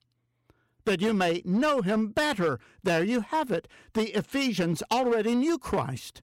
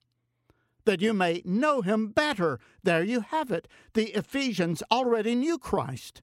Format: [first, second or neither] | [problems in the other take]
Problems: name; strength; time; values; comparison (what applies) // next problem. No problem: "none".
second | distortion; slight; 8% of the sound clipped